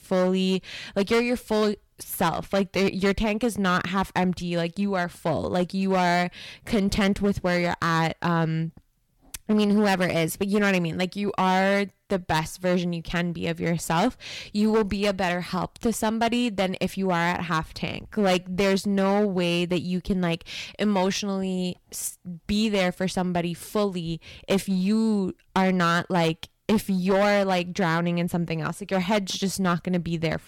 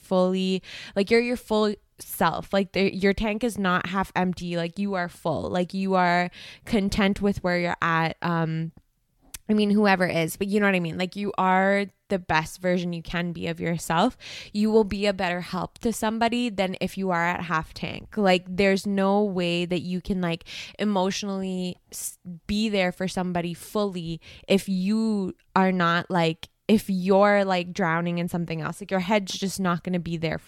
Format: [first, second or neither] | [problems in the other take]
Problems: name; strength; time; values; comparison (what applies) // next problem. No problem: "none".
second | distortion; slight; 10% of the sound clipped